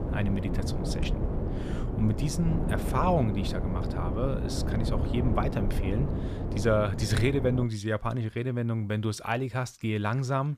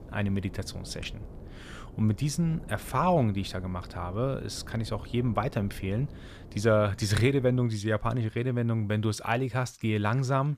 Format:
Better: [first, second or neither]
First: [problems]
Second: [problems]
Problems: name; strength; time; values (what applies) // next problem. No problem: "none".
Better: second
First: wind noise on the microphone; heavy; until 7.5 s; 6 dB below the speech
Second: wind noise on the microphone; occasional gusts; until 7.5 s; 20 dB below the speech